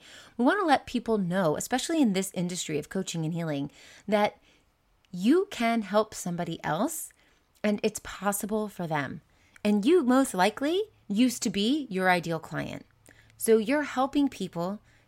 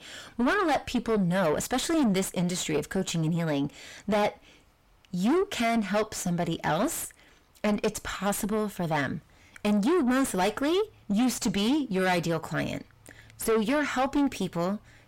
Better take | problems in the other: first | distortion; heavy; 5 dB below the speech

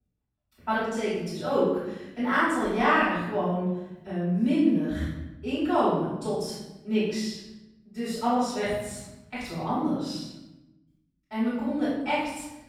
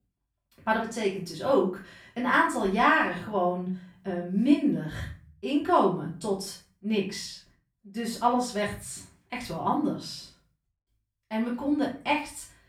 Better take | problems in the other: second | room echo; strong; dies away in 1 s; slight in the second // off-mic speech; far; far in the second

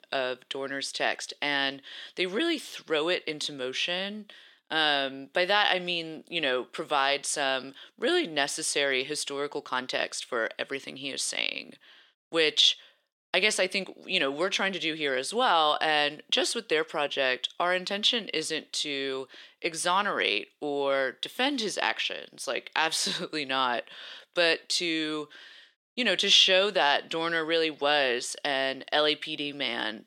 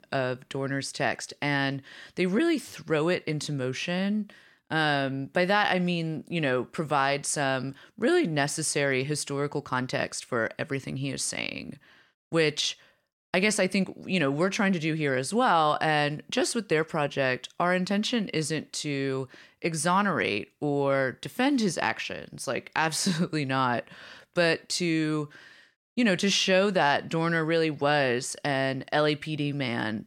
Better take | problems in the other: second | thin; somewhat; fading below 400 Hz

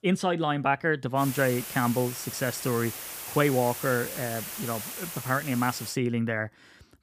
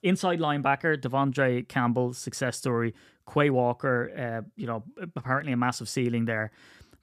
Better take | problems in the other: second | hiss; loud; from 1 to 6 s; 8 dB below the speech

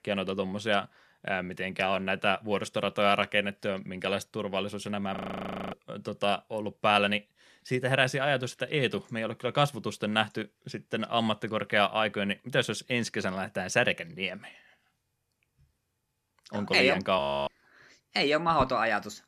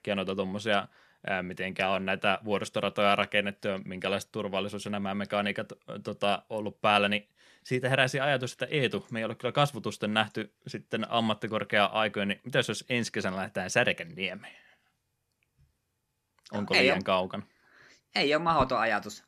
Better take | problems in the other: second | audio freezing; at 5 s for 0.5 s and at 17 s

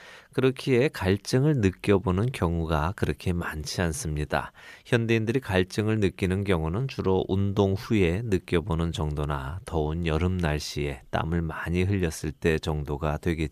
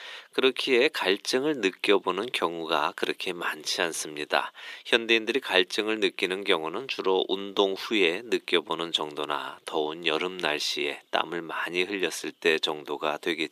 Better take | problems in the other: first | thin; very; fading below 300 Hz

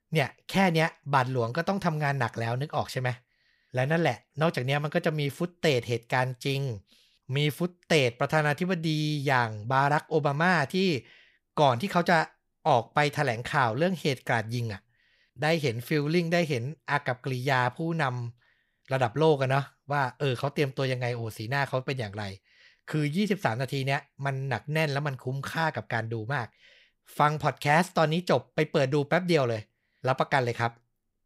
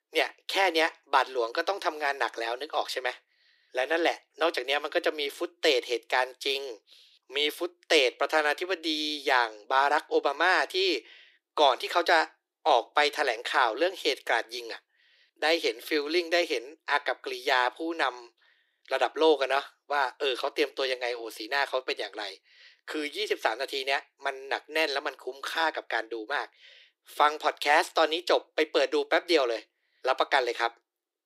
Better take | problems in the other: first | thin; very; fading below 300 Hz

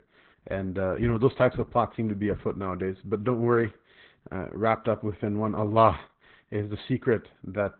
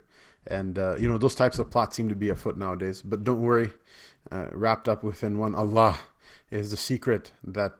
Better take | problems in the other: second | garbled, watery; badly; nothing above 4 kHz; slightly in the second

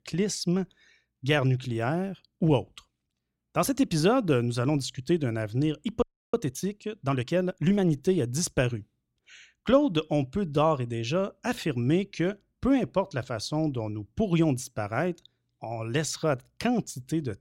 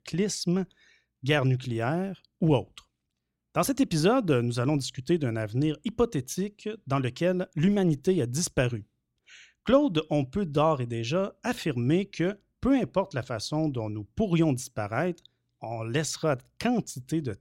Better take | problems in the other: second | audio freezing; at 6 s

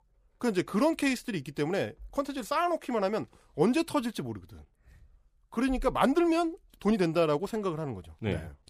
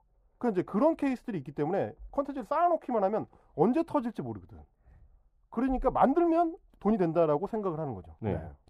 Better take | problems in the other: first | muffled; very; fading above 2 kHz

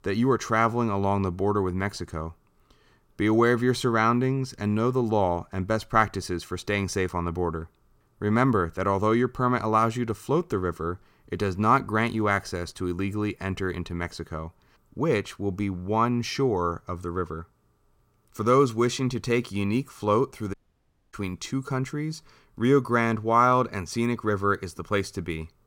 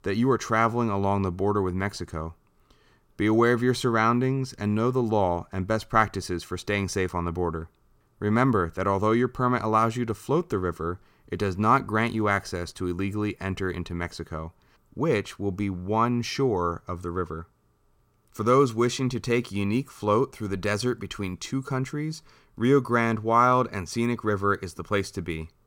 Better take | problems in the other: second | audio cutting out; at 21 s for 0.5 s

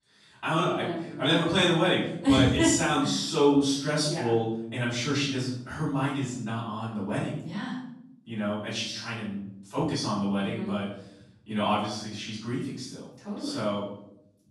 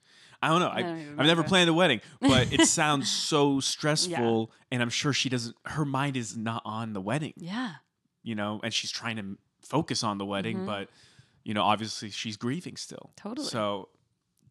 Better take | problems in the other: second | off-mic speech; far // room echo; noticeable; dies away in 0.7 s

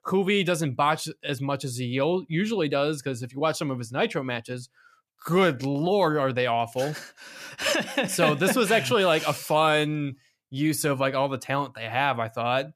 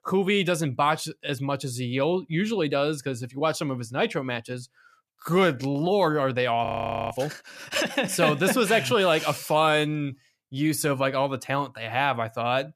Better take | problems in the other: first | audio freezing; at 6.5 s

